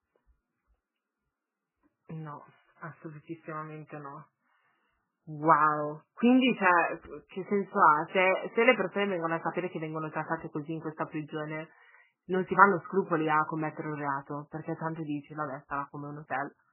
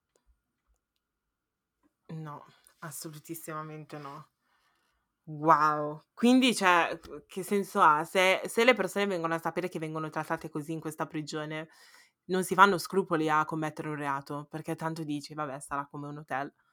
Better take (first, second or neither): second